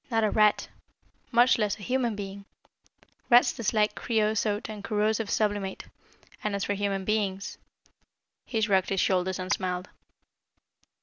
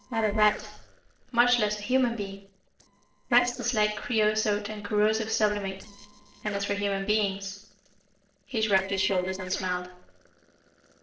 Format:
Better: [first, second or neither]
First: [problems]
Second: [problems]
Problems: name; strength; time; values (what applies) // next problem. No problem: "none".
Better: first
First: none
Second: noise reduction (neural separator model SepFormer DNS4)